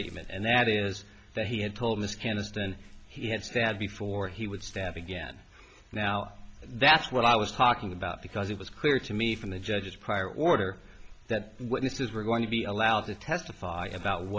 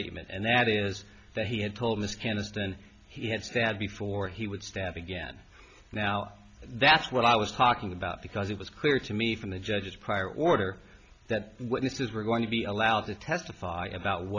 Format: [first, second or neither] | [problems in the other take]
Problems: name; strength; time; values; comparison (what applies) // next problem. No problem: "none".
second | background sound (Dog); 20 dB below the speech